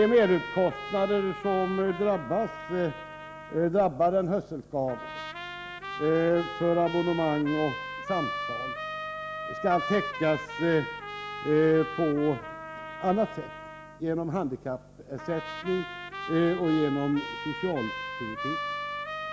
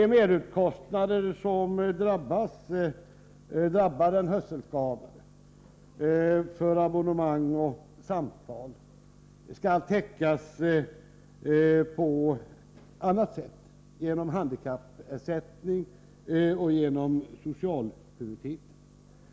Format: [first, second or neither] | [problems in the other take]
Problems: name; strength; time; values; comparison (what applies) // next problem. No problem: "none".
second | background sound (Trumpet); 9 dB below the speech